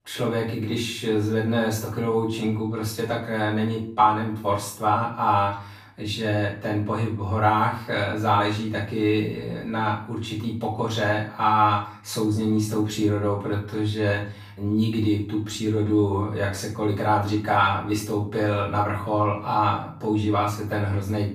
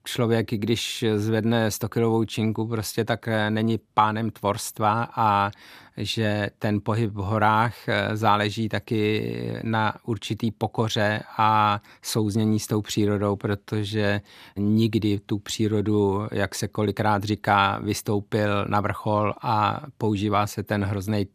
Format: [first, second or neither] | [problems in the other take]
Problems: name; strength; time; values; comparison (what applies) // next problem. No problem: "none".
second | room echo; noticeable; dies away in 0.4 s // off-mic speech; far